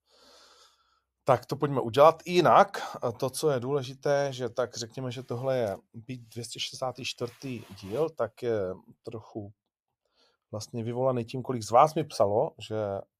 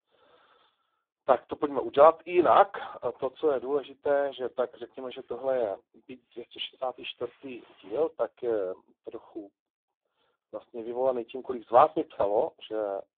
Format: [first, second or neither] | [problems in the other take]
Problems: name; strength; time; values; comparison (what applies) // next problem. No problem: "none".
first | phone-call audio; poor line